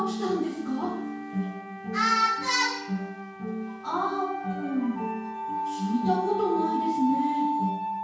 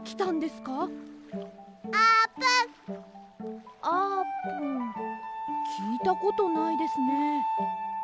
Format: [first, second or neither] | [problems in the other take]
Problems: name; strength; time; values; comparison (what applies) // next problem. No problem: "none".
second | background sound (Wind instrument, woodwind instrument); 17 dB below the speech // room echo; dies away in 0.6 s